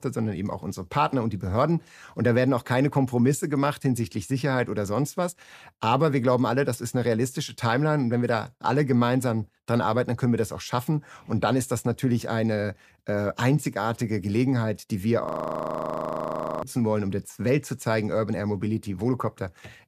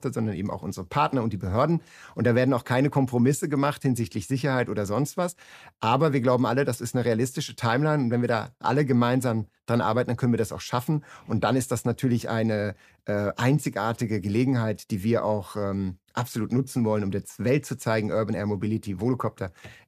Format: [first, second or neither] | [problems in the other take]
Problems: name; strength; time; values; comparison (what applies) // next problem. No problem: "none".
second | audio freezing; at 15 s for 1.5 s